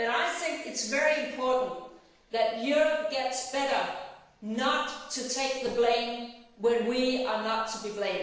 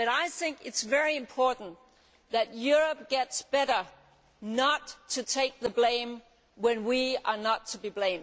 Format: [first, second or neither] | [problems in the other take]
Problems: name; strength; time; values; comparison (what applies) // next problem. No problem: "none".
second | room echo; dies away in 1 s